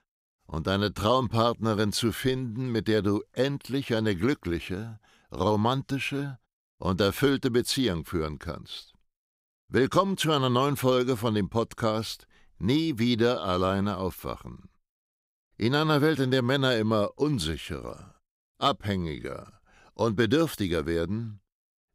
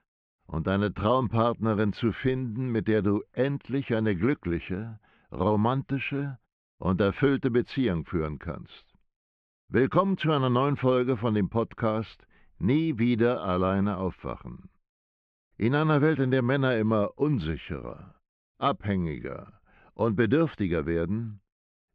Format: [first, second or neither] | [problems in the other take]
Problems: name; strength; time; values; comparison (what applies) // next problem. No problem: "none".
first | muffled; very; fading above 2.5 kHz